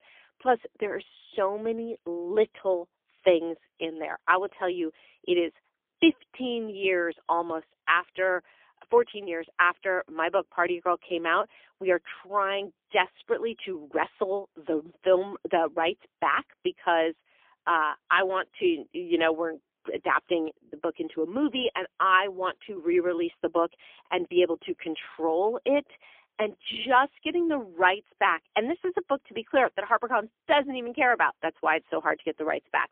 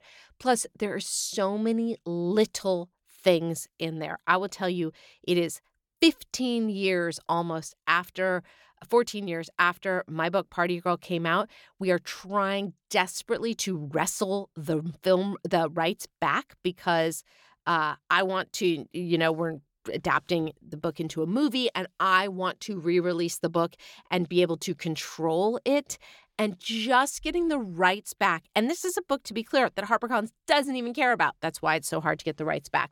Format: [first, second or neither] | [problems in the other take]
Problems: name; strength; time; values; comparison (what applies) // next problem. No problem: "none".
second | phone-call audio; poor line; nothing above 3.5 kHz